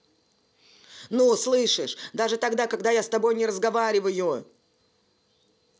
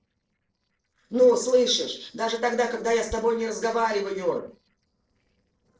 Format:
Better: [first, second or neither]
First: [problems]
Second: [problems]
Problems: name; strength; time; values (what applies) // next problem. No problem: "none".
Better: first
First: none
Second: noise reduction (neural separator model SepFormer DNS4)